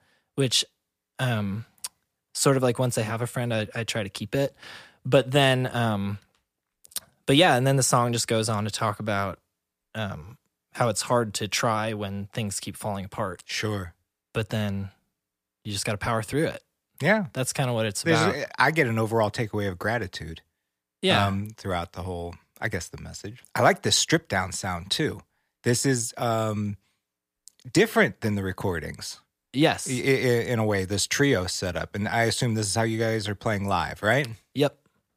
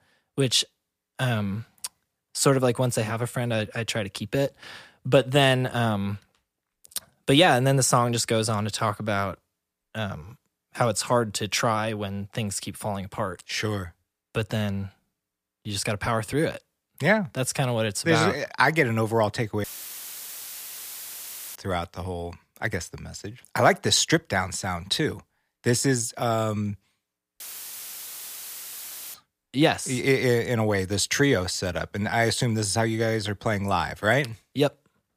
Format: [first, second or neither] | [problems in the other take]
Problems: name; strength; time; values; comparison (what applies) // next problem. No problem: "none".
first | audio cutting out; filled with static; at 20 s for 2 s and at 27 s for 1.5 s